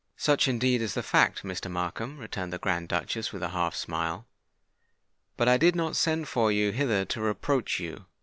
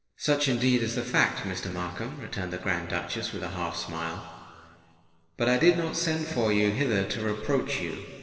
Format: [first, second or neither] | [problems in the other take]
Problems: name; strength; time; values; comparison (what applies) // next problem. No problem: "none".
first | noise reduction (neural separator model SepFormer DNS4)